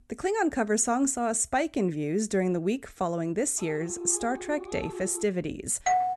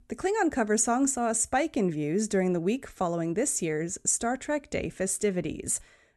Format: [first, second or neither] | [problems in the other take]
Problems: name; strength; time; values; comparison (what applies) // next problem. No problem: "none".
second | dog barking; noticeable; from 3.5 to 5 s; peak 10 dB below the speech // doorbell; loud; at 6 s; peak 2 dB above the speech